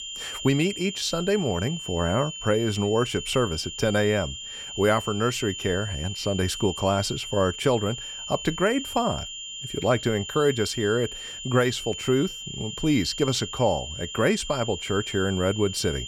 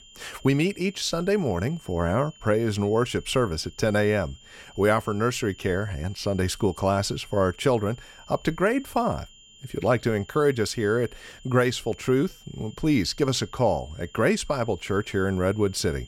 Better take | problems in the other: second | high-pitched whine; loud; throughout; 3 kHz, 8 dB below the speech; faint in the second

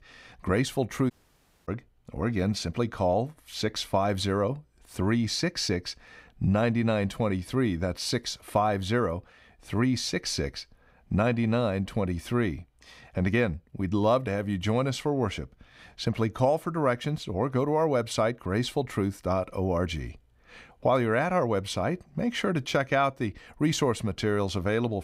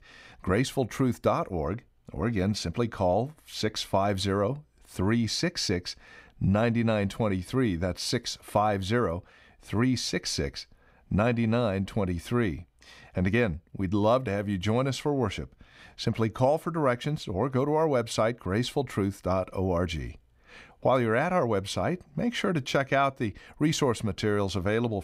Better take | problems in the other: second | audio cutting out; at 1 s for 0.5 s

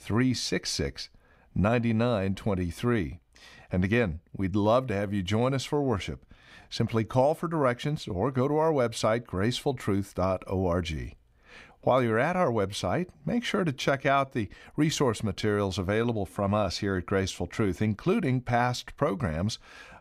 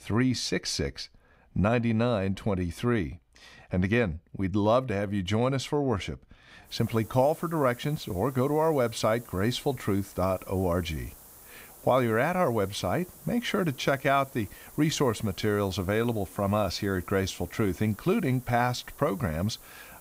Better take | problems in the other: first | hiss; faint; from 6.5 s on; 20 dB below the speech

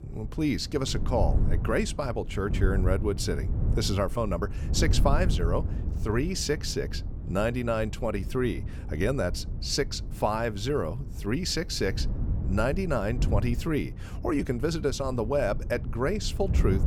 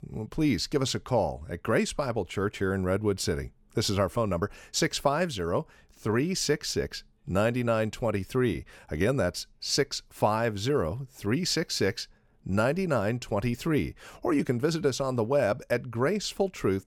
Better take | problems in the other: second | wind noise on the microphone; occasional gusts; 15 dB below the speech

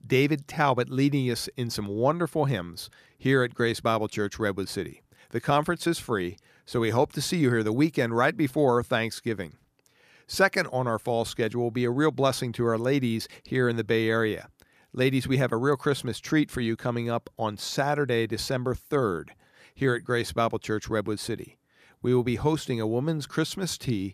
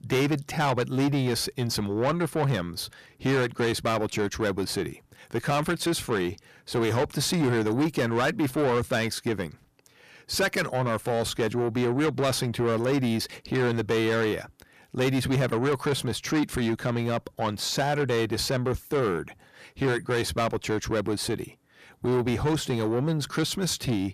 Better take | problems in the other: first | distortion; heavy; 8 dB below the speech

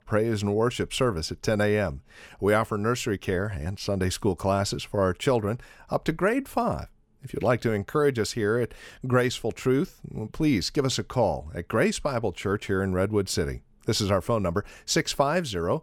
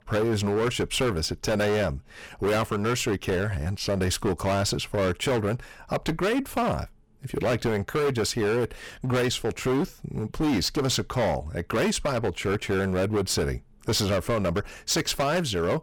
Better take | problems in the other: first | distortion; heavy; 18% of the sound clipped

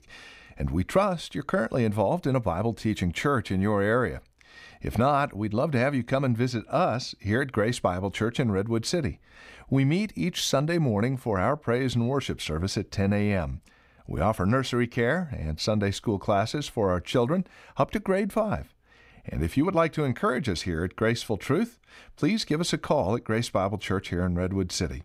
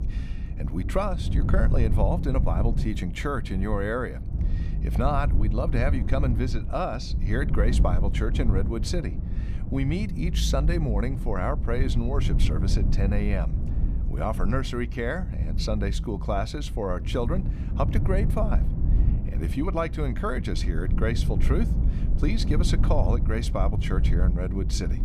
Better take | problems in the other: first | low rumble; loud; throughout; 10 dB below the speech

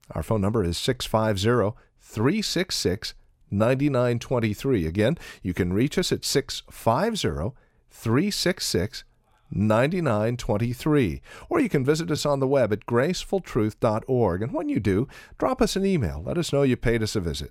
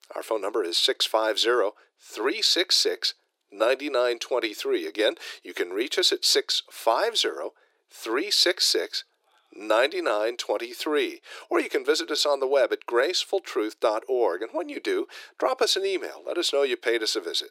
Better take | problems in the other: first | thin; very; fading below 350 Hz

